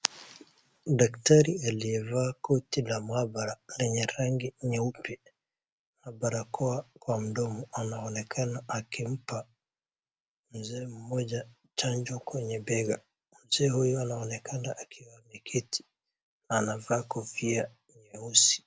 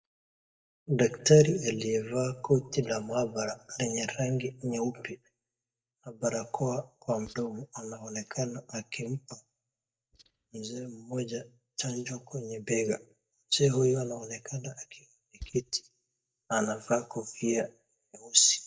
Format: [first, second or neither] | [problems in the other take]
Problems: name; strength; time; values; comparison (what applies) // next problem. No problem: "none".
first | noise reduction (neural mask model DeepFilterNet 3)